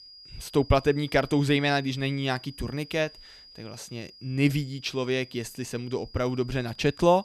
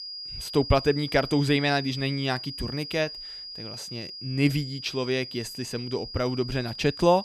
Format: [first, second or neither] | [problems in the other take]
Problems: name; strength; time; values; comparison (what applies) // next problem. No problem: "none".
first | high-pitched whine; loud; throughout; 5 kHz, 9 dB below the speech; faint in the first